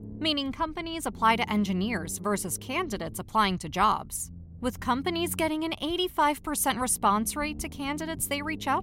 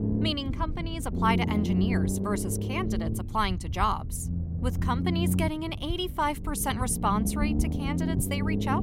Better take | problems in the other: first | low rumble; loud; throughout; 7 dB below the speech; faint in the first

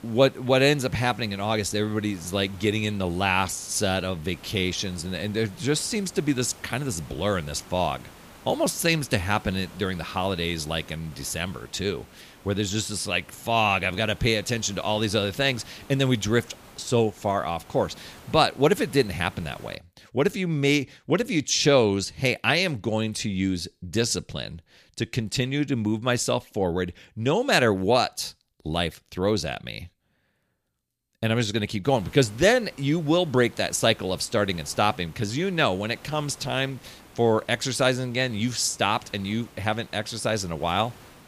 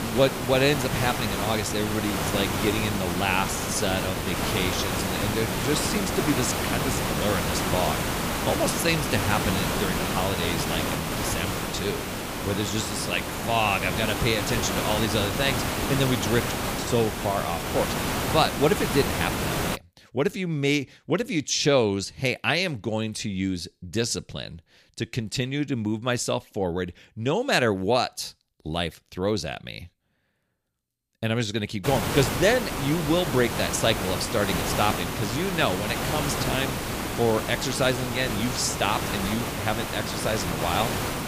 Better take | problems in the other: first | hiss; loud; until 20 s and from 32 s on; 1 dB below the speech; faint in the first

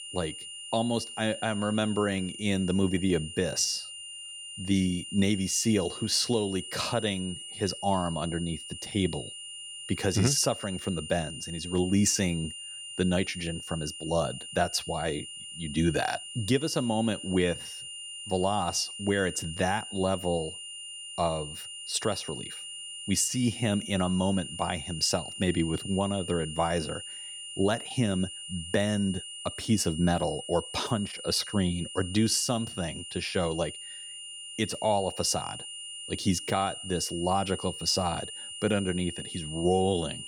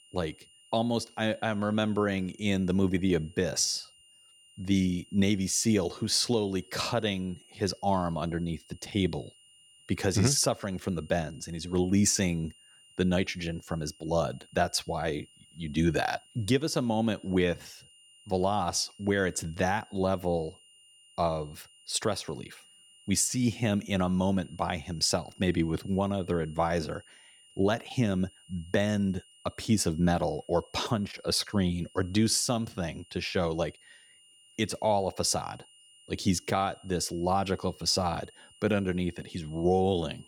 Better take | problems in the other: second | high-pitched whine; loud; throughout; 3 kHz, 9 dB below the speech; faint in the second

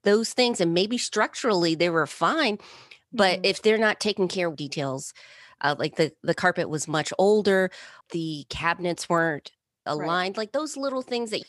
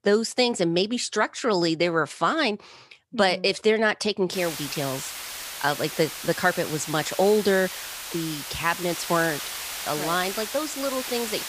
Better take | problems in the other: first | hiss; loud; from 4.5 s on; 7 dB below the speech

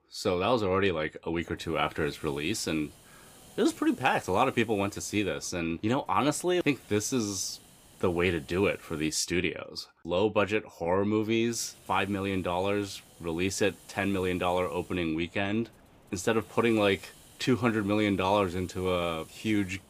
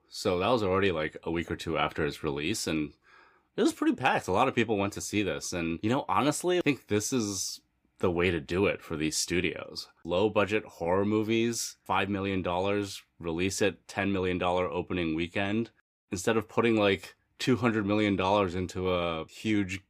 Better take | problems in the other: second | hiss; faint; from 1.5 to 9 s and from 12 s on; 25 dB below the speech

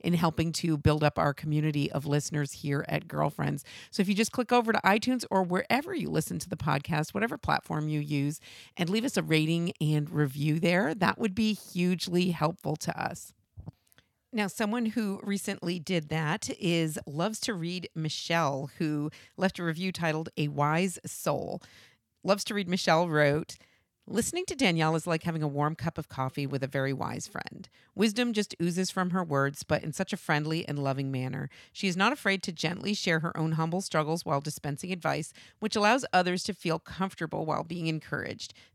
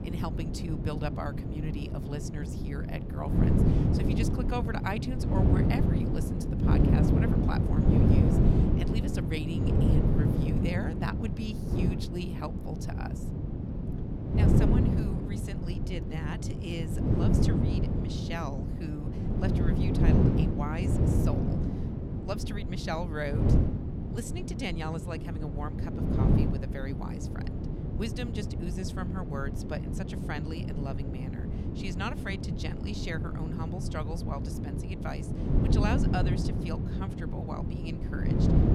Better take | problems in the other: first | wind noise on the microphone; heavy; 2 dB above the speech

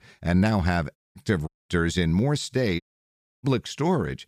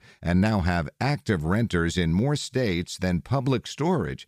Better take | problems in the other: second | audio cutting out; at 1 s, at 1.5 s and at 3 s for 0.5 s

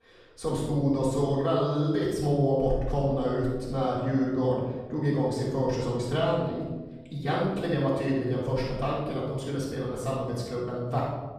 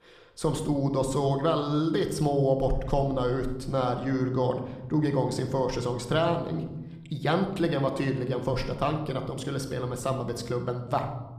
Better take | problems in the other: second | room echo; strong; dies away in 1.2 s; slight in the second // off-mic speech; far

